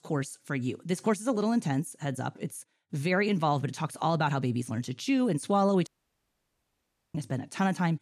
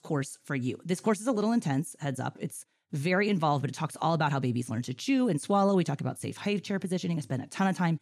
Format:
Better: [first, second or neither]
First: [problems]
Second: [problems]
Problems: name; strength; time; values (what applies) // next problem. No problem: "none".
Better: second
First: audio cutting out; at 6 s for 1.5 s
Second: none